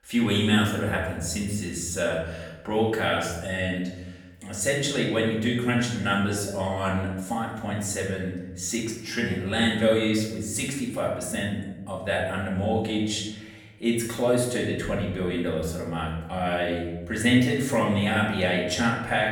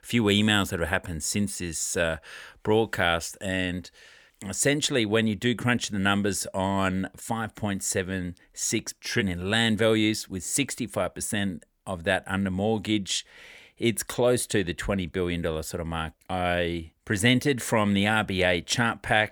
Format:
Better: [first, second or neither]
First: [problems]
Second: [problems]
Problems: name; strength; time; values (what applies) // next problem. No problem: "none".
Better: second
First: off-mic speech; far // room echo; noticeable; dies away in 1.1 s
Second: none